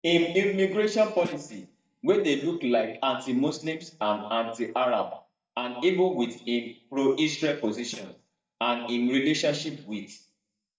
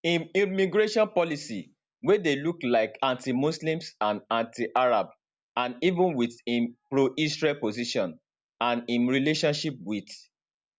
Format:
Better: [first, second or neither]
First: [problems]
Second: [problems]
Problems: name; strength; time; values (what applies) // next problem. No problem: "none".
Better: second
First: noise reduction (neural mask model DeepFilterNet 3)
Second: none